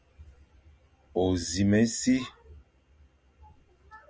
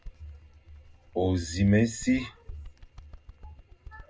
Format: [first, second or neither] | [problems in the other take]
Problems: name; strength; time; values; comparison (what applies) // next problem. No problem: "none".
first | background sound (Bird); 18 dB below the speech // room echo; dies away in 0.2 s